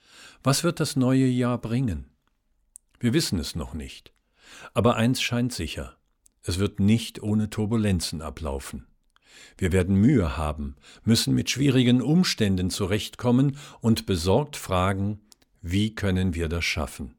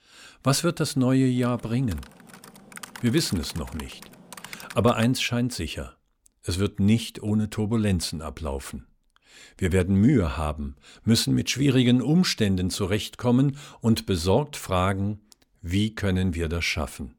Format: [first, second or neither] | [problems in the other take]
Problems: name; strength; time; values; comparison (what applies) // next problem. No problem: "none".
first | keyboard typing; faint; from 1.5 to 5 s; peak 15 dB below the speech